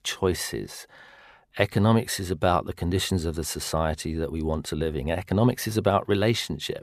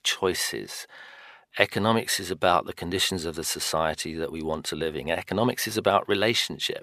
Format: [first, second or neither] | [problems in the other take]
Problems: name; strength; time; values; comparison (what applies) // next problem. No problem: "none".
first | thin; very slightly; fading below 800 Hz